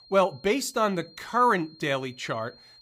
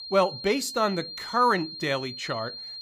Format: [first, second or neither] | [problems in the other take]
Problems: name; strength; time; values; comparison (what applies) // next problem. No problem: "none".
first | high-pitched whine; loud; throughout; 4 kHz, 10 dB below the speech; faint in the first